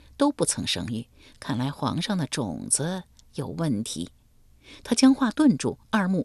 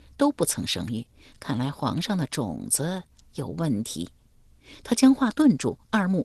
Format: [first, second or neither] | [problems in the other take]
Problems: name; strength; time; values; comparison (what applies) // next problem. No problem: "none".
first | garbled, watery; slightly; nothing above 13.5 kHz